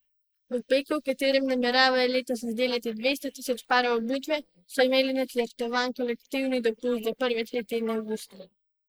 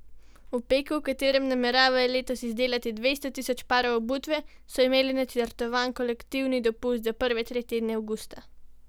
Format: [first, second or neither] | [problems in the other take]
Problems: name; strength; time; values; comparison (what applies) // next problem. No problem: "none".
second | noise reduction (neural mask model Resemble Enhance denoiser)